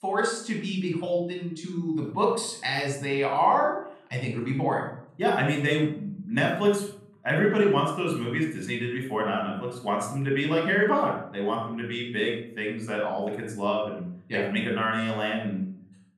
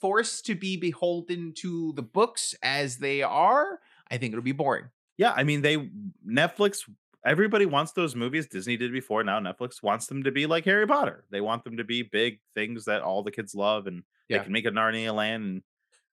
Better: second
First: off-mic speech; somewhat distant // room echo; noticeable; dies away in 0.6 s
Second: none

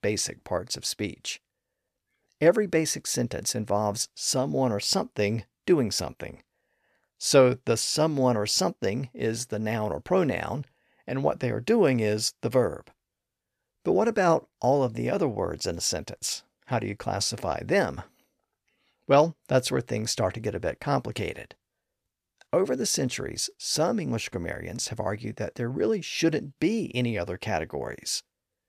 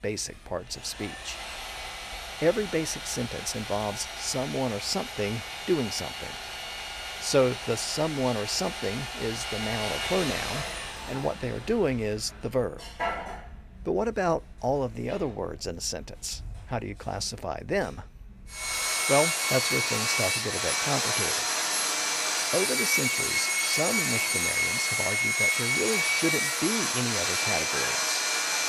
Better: first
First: none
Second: machinery noise; very loud; throughout; 3 dB above the speech

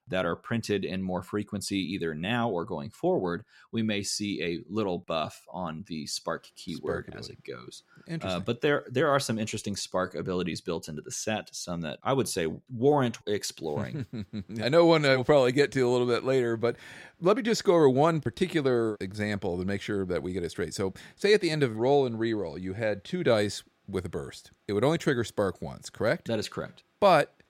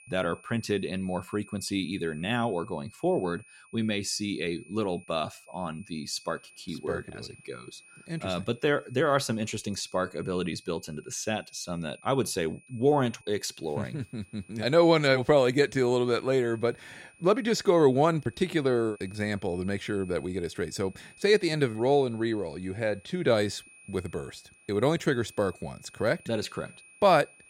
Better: first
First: none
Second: high-pitched whine; faint; throughout; 2.5 kHz, 25 dB below the speech

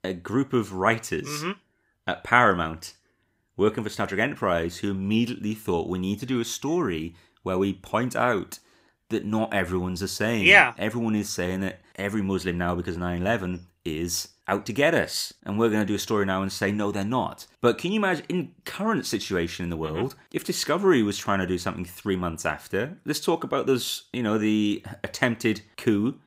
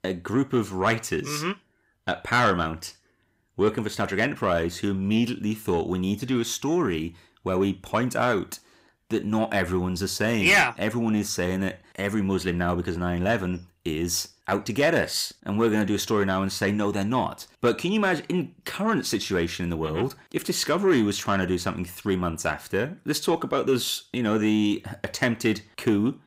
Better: first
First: none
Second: distortion; slight; 10 dB below the speech

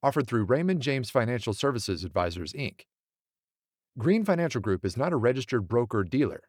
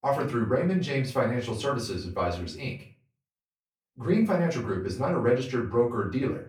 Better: first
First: none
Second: off-mic speech; far // room echo; slight; dies away in 0.3 s

